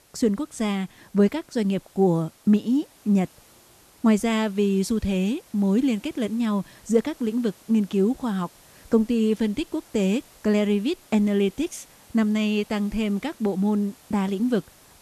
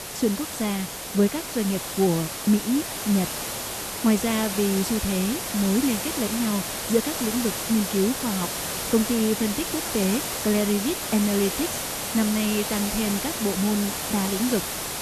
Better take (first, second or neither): first